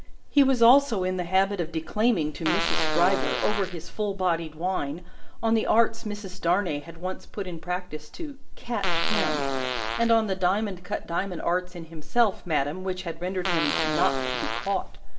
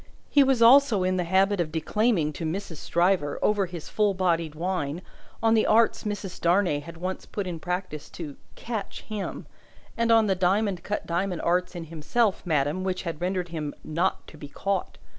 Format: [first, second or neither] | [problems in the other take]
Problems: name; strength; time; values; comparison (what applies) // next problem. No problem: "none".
second | background sound (Fart); 4 dB below the speech // room echo; dies away in 0.4 s